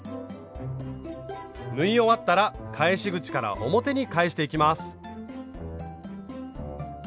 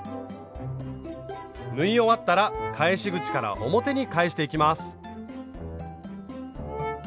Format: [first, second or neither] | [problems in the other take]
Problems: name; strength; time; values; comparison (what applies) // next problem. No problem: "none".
first | background sound (Brass instrument); 14 dB below the speech